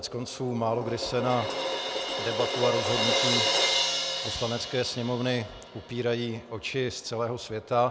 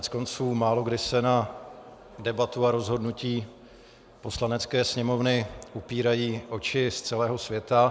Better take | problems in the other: second | background sound (Crash cymbal); 1 dB below the speech

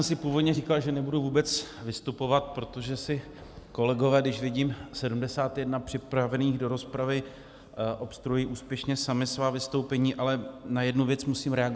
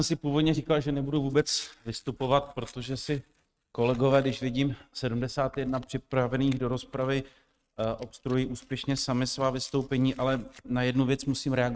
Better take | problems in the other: first | noise reduction (neural mask model RNNoise)

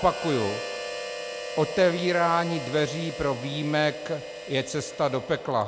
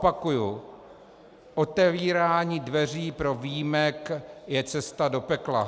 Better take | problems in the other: second | background sound (Harmonica); 9 dB below the speech

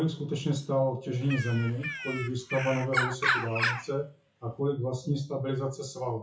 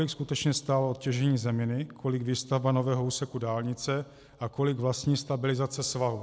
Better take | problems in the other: second | noise reduction (classical method WPE with log-MMSE)

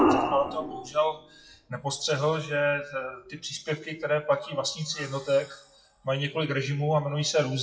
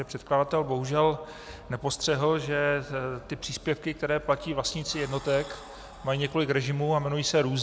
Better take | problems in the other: second | noise reduction (classical method WPE with log-MMSE)

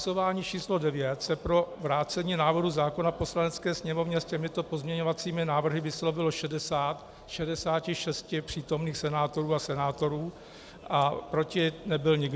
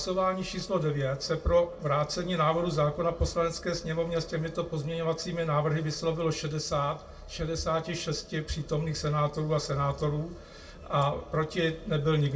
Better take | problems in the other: first | room echo; dies away in 0.2 s

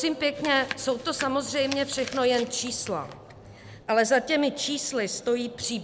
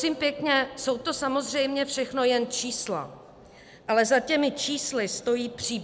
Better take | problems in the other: second | background sound (Chewing, mastication); 14 dB below the speech

